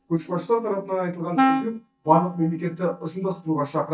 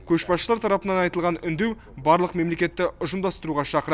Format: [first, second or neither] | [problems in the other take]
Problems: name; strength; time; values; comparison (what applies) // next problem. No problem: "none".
second | noise reduction (neural mask model DeepFilterNet 3)